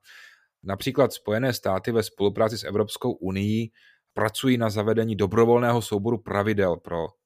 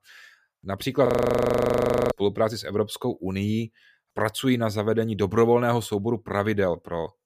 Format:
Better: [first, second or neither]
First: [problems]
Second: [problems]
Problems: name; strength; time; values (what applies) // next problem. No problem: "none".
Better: first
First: none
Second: audio freezing; at 1 s for 1 s